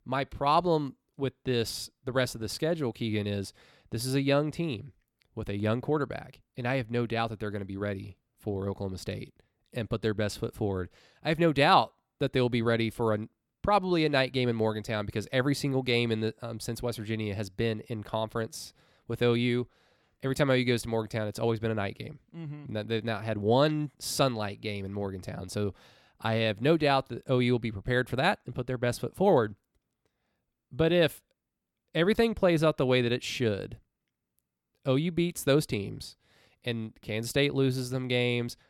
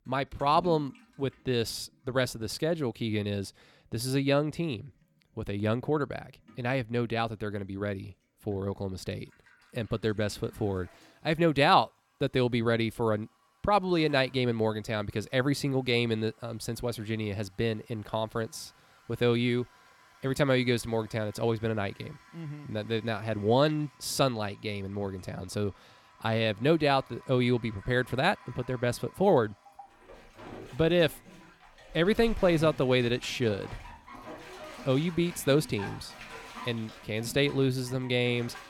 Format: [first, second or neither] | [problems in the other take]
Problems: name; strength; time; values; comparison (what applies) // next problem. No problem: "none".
first | household noises; faint; throughout; 20 dB below the speech